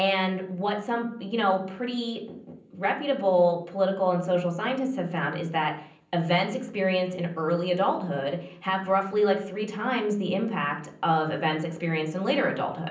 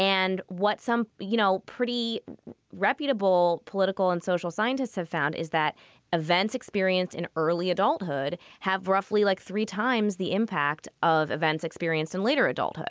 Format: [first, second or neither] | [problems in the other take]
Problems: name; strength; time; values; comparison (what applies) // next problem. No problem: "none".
second | room echo; dies away in 0.6 s